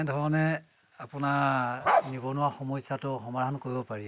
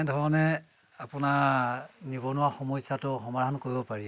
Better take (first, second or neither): second